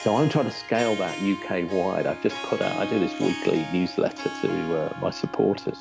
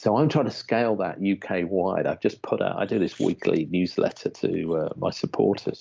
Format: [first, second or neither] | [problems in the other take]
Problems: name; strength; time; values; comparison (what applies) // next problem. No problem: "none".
second | background sound (Harp); 10 dB below the speech